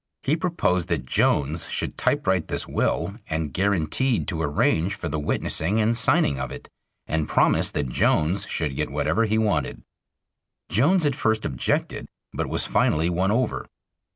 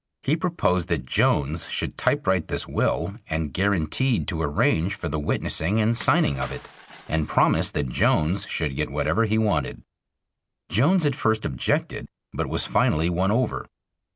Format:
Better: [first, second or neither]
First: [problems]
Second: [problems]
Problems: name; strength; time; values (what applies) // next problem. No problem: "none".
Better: first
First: none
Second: background sound (Shatter / Crushing); 19 dB below the speech